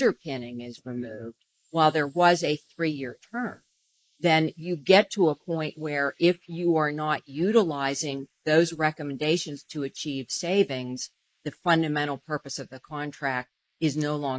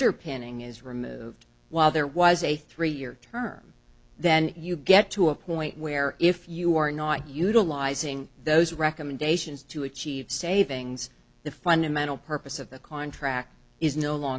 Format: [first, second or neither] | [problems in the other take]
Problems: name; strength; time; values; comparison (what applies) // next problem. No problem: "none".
second | noise reduction (neural mask model Resemble Enhance denoiser)